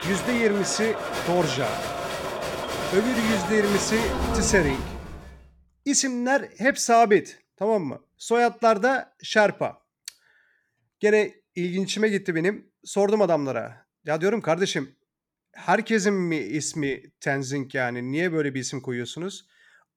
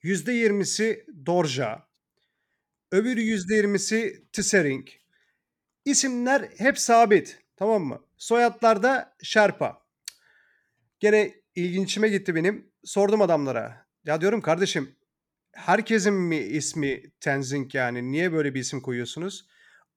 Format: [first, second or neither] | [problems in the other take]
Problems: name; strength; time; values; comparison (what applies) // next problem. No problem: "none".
second | crowd noise; loud; until 4.5 s; 5 dB below the speech